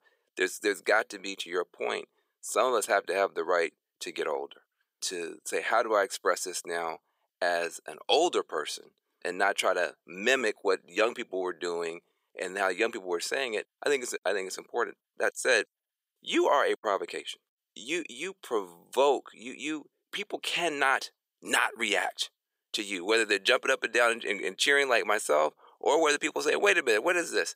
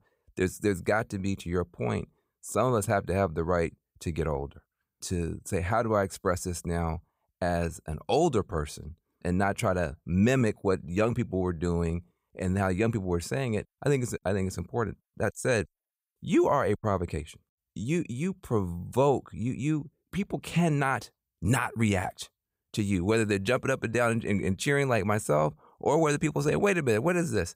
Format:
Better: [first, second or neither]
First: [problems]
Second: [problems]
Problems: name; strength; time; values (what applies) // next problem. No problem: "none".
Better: second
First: thin; very; fading below 350 Hz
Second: none